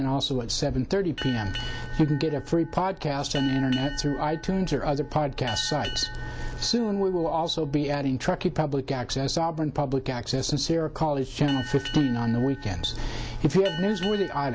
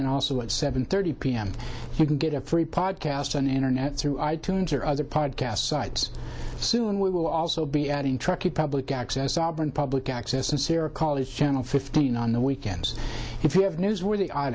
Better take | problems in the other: second | background sound (Boat, Water vehicle); 16 dB below the speech

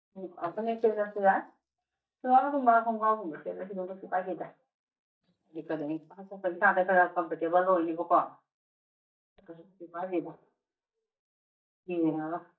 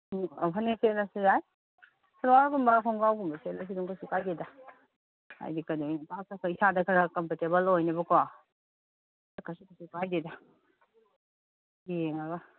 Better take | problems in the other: second | noise reduction (neural mask model DeepFilterNet 3)

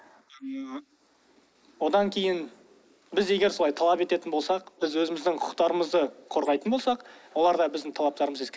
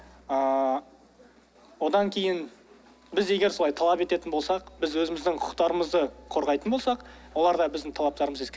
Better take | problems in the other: second | noise reduction (neural mask model Resemble Enhance denoiser)

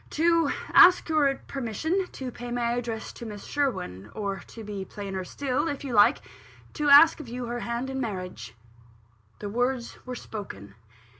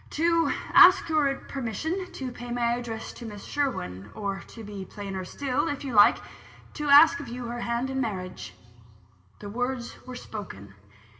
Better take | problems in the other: first | room echo; dies away in 1.4 s

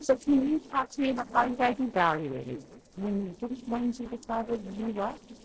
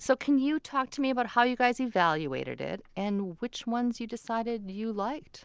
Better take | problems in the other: second | noise reduction (neural separator model SepFormer DNS4)

